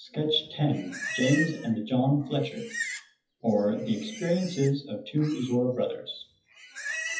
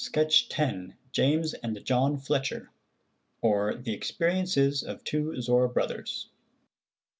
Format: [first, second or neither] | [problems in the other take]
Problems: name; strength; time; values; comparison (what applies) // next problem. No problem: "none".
second | noise reduction (classical method WPE with log-MMSE)